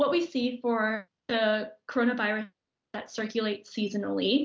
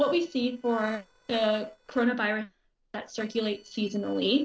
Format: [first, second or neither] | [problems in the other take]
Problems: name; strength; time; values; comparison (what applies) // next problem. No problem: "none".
first | noise reduction (neural separator model SepFormer DNS4)